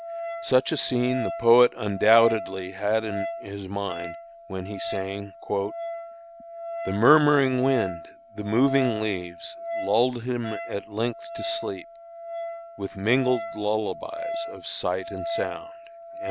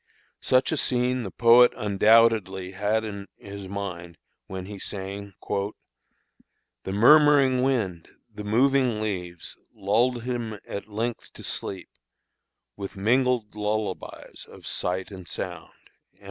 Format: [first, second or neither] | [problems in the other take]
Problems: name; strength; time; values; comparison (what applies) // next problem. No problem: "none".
second | background sound (Wind instrument, woodwind instrument); 9 dB below the speech